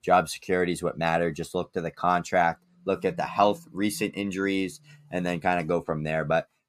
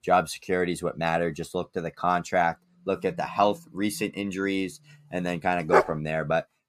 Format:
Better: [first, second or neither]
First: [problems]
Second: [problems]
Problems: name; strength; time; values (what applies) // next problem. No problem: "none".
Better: first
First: none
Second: dog barking; loud; at 5.5 s; peak 5 dB above the speech